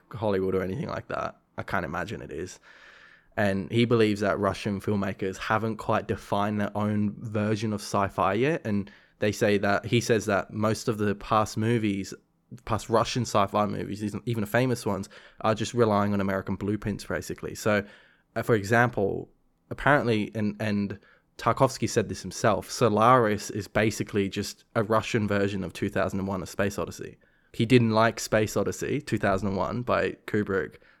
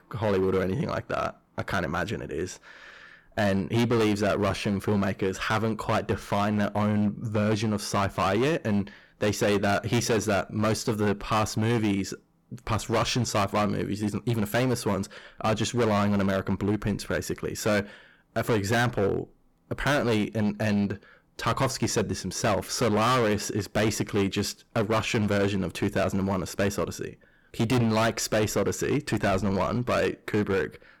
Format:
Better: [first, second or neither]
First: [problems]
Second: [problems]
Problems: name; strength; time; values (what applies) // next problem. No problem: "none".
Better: first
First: none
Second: distortion; heavy; 14% of the sound clipped